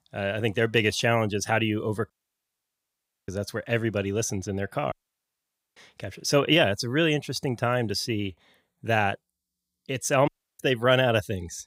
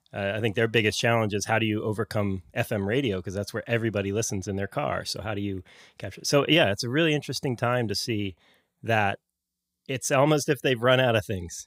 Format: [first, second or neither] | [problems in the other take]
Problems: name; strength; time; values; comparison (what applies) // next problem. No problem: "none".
second | audio cutting out; at 2 s for 1 s, at 5 s for 1 s and at 10 s